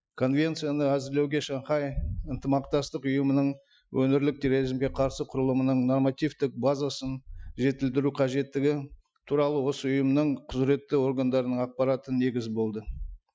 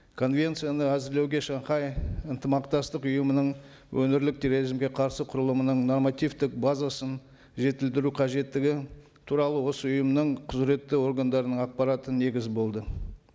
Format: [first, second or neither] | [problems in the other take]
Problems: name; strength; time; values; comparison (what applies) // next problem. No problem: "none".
second | noise reduction (classical method Wiener filter)